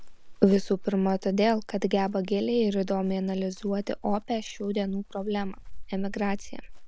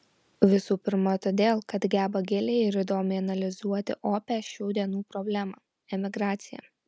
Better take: second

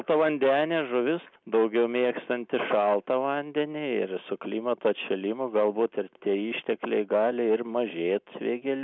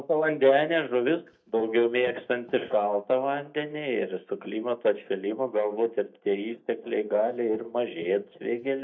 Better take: first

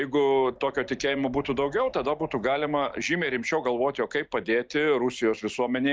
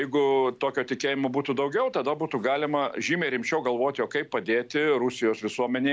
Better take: second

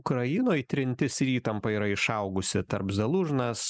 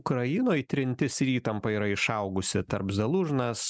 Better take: second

